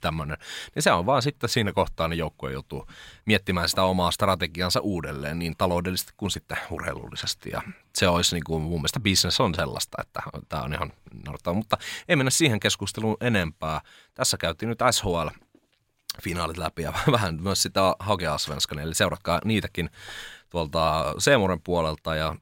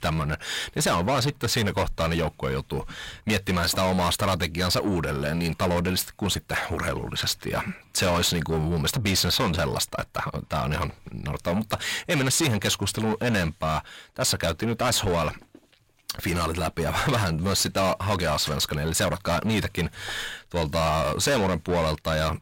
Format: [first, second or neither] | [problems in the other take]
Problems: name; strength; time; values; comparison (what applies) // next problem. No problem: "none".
first | distortion; heavy; 6 dB below the speech